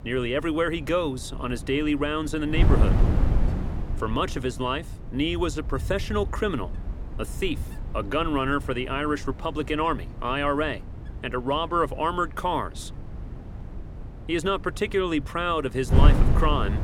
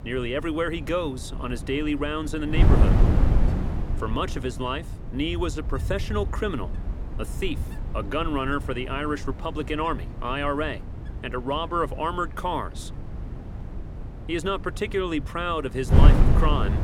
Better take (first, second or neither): first